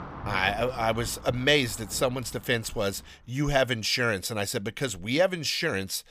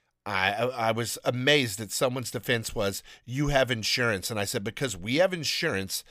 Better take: second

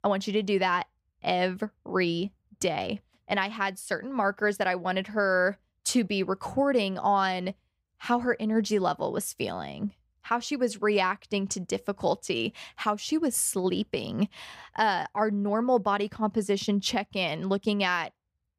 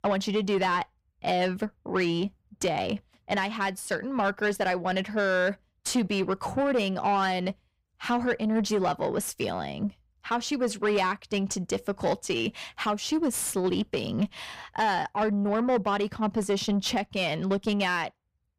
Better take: first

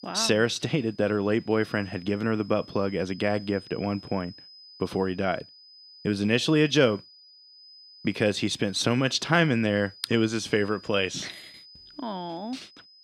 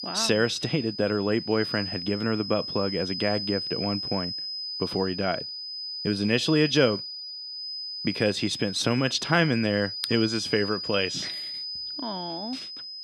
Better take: first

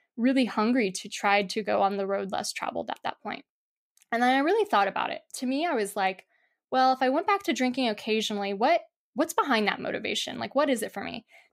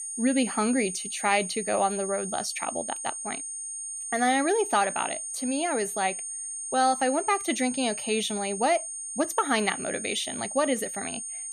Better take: first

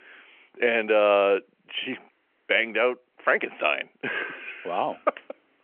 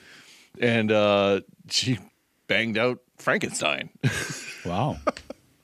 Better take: second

